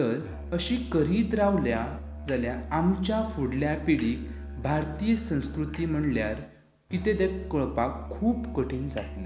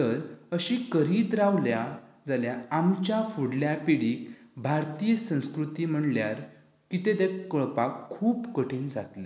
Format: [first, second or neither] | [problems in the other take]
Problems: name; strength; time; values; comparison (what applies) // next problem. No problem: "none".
second | background sound (Musical instrument); 10 dB below the speech